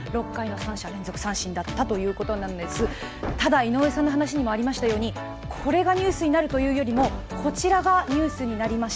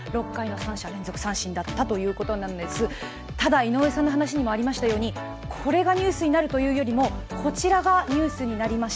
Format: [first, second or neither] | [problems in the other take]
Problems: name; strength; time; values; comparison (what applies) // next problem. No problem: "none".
second | background sound (Hammer); 16 dB below the speech